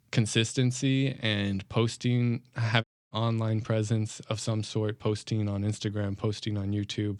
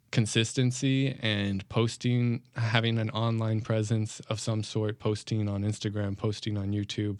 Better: second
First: audio cutting out; at 3 s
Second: none

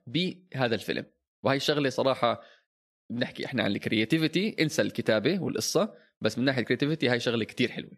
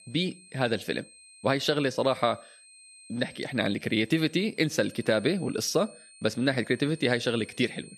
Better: first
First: none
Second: high-pitched whine; faint; throughout; 8.5 kHz, 20 dB below the speech

